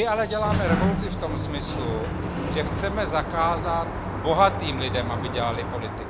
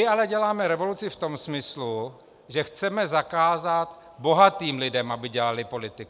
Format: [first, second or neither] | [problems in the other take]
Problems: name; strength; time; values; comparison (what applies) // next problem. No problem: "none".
second | background sound (Sliding door); 1 dB below the speech